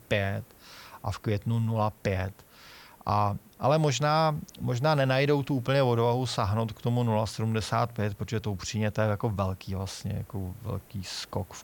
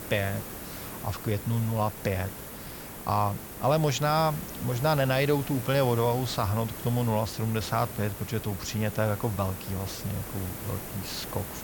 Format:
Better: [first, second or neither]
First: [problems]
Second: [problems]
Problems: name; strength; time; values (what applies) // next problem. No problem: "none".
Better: first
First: hiss; faint; throughout; 25 dB below the speech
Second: hiss; loud; throughout; 9 dB below the speech